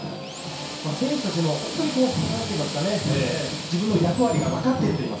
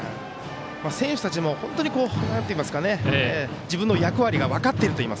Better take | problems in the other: second | background sound (Drill); 11 dB below the speech // room echo; dies away in 0.6 s

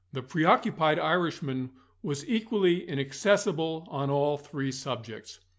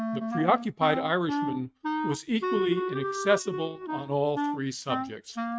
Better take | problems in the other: first | noise reduction (neural mask model RNNoise)

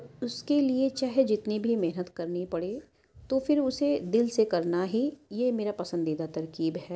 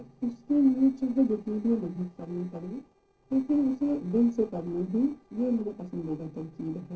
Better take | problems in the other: first | noise reduction (neural separator model SepFormer DNS4)

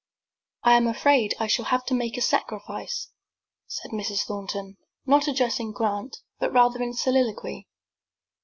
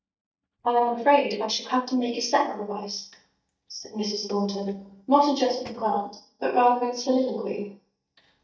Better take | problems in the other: first | noise reduction (neural mask model DeepFilterNet 3)

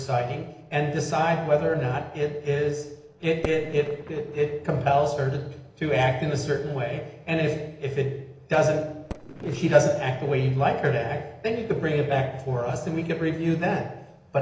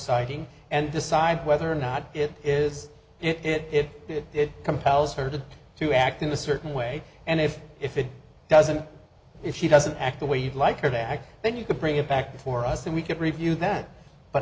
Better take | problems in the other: second | noise reduction (neural separator model SepFormer DNS4)

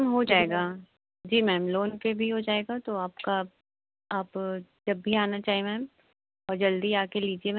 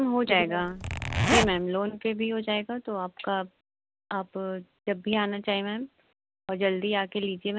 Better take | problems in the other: first | background sound (Zipper (clothing)); 2 dB above the speech

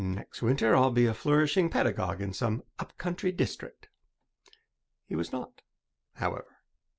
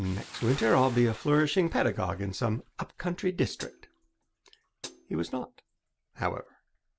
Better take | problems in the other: first | background sound (Hi-hat + Bathtub (filling or washing) / Splash, splatter); 20 dB below the speech

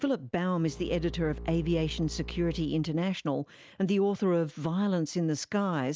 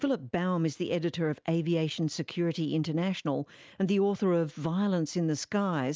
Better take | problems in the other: second | background sound (Bowed string instrument); 12 dB below the speech

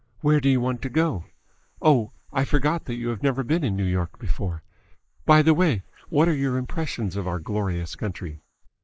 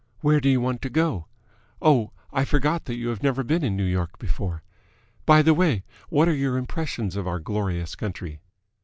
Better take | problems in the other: second | noise reduction (neural mask model Resemble Enhance denoiser)

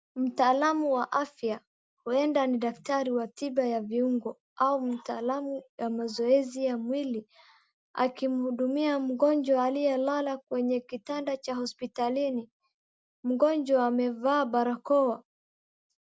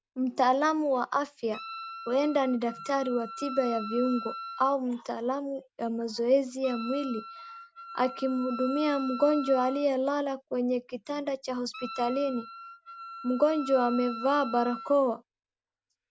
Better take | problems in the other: first | background sound (Wind instrument, woodwind instrument); 13 dB below the speech

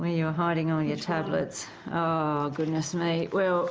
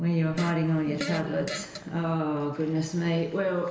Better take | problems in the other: first | background sound (Fart); 11 dB below the speech // room echo; dies away in 0.8 s

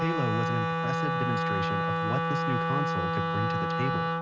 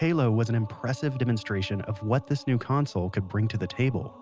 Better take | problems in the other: second | background sound (Wind instrument, woodwind instrument); 5 dB above the speech

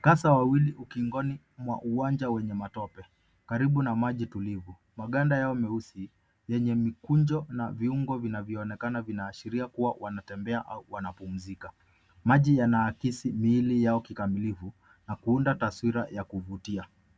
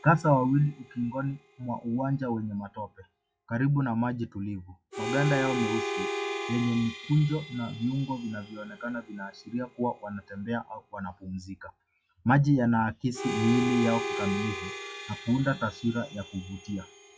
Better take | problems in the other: first | noise reduction (classical method log-MMSE)

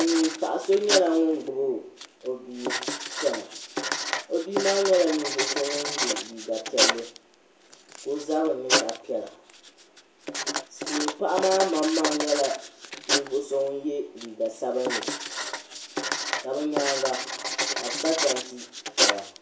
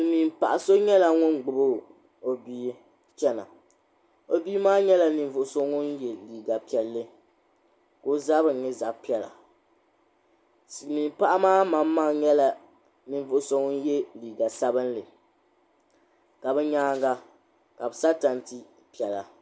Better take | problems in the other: second | background sound (Writing); 2 dB below the speech // room echo; dies away in 0.4 s

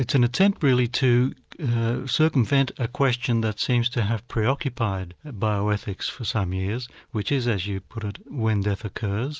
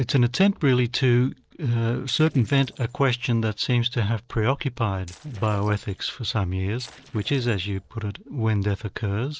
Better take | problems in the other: first | noise reduction (neural separator model SepFormer DNS4)

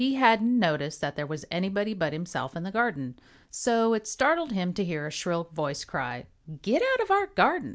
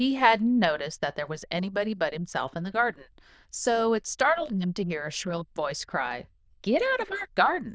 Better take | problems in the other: first | noise reduction (neural diffusion model UNIVERSE++)

